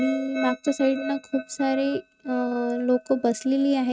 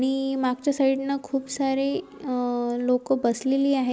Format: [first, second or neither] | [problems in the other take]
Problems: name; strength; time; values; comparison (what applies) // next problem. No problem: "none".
second | noise reduction (neural mask model RNNoise)